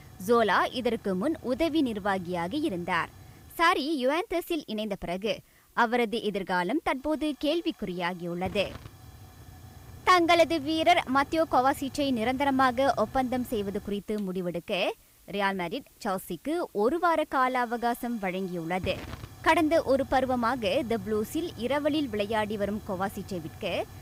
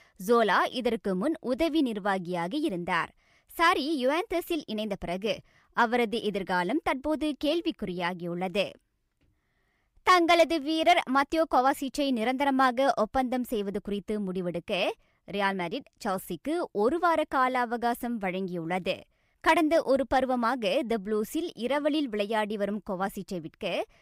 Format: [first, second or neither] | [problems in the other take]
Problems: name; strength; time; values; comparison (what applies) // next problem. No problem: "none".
second | hiss; faint; throughout; 20 dB below the speech